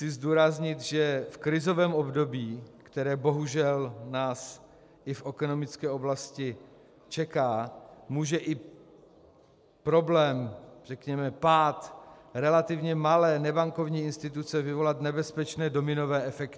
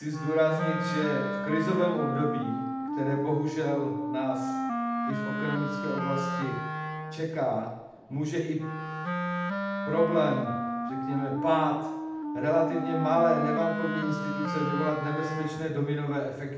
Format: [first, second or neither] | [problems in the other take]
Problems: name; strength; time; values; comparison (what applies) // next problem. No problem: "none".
first | background sound (Wind instrument, woodwind instrument); 3 dB below the speech // room echo; dies away in 0.8 s